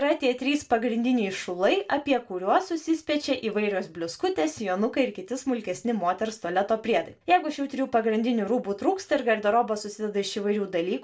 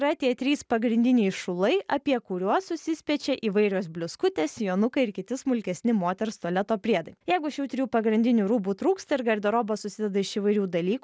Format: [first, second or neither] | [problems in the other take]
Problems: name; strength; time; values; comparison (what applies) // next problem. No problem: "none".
second | room echo; dies away in 0.2 s